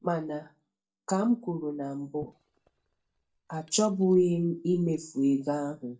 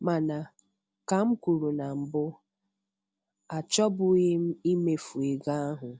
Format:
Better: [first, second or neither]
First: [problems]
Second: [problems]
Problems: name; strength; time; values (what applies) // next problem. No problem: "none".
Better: second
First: noise reduction (neural mask model DeepFilterNet 3)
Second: none